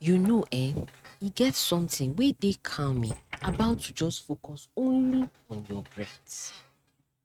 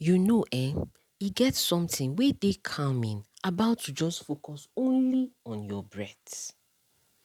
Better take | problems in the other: second | noise reduction (neural mask model RNNoise)

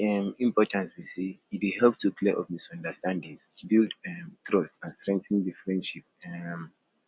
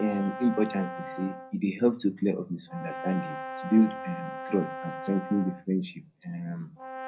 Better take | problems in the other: first | background sound (Brass instrument); 10 dB below the speech // room echo; dies away in 0.4 s

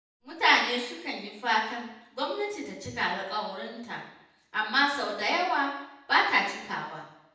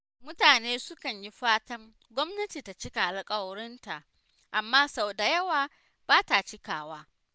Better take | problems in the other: second | room echo; dies away in 0.8 s

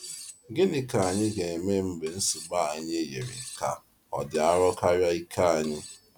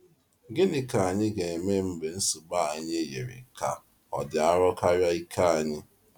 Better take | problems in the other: second | background sound (Cutlery, silverware); 18 dB below the speech

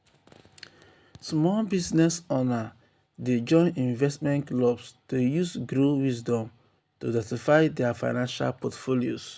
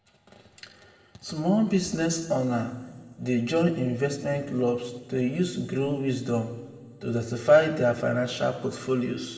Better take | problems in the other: first | room echo; dies away in 1.7 s

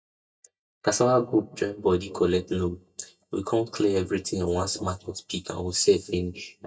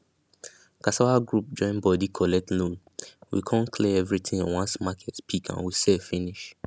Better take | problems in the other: second | noise reduction (neural mask model DeepFilterNet 3)

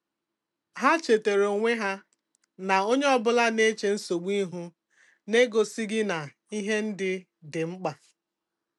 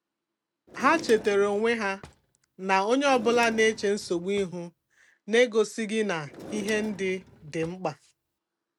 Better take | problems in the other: first | background sound (Drawer open or close); 17 dB below the speech

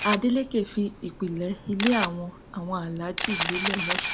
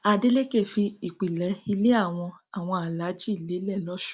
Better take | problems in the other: second | background sound (Camera); 5 dB below the speech

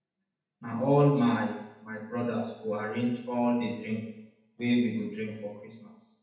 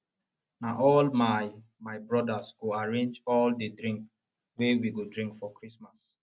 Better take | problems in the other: second | room echo; dies away in 0.8 s

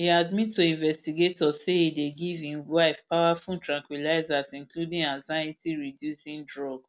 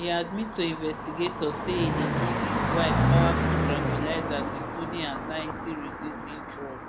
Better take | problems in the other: first | background sound (Car passing by); 4 dB above the speech

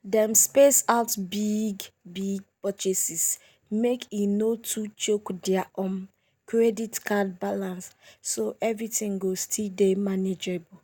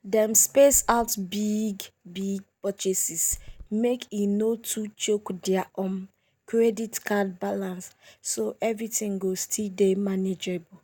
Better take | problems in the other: first | background sound (Run); 15 dB below the speech

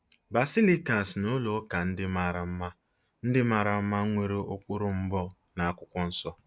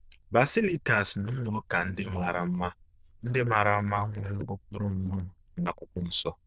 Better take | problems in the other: first | noise reduction (neural diffusion model UNIVERSE++)

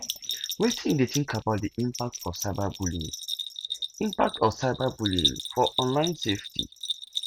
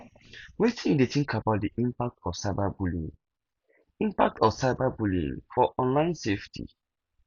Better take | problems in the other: second | noise reduction (neural mask model RNNoise)

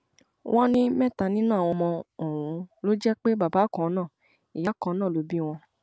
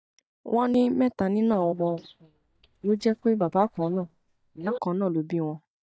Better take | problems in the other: first | noise reduction (neural mask model DeepFilterNet 3)

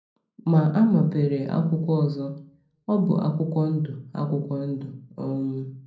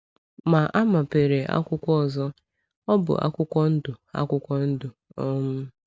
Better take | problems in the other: second | room echo; dies away in 0.5 s

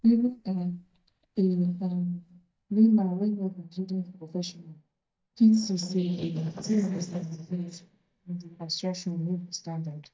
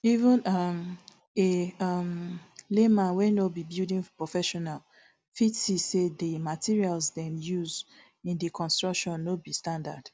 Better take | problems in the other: second | noise reduction (neural mask model DeepFilterNet 3)

